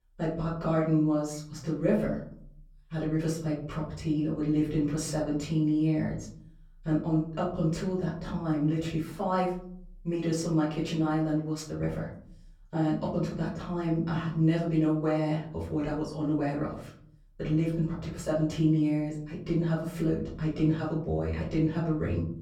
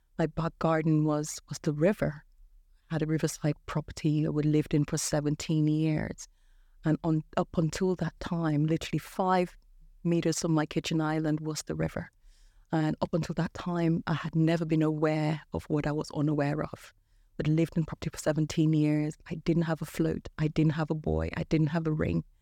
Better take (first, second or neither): second